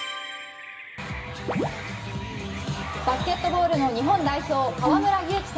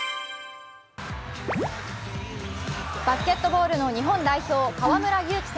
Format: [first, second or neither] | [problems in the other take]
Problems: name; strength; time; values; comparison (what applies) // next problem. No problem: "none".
second | background sound (Bird vocalization, bird call, bird song); 17 dB below the speech // room echo; dies away in 0.7 s